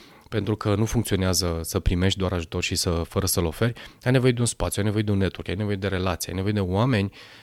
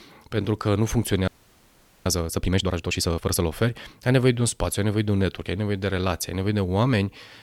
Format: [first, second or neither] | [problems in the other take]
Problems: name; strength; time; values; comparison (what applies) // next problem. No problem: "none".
first | audio freezing; at 1.5 s for 1 s